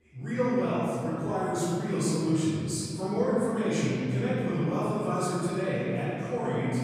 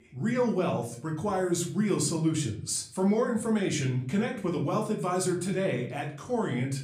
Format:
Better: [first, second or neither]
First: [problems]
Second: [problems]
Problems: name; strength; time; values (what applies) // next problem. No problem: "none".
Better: second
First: room echo; strong; dies away in 3 s // off-mic speech; far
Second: room echo; slight; dies away in 0.4 s // off-mic speech; somewhat distant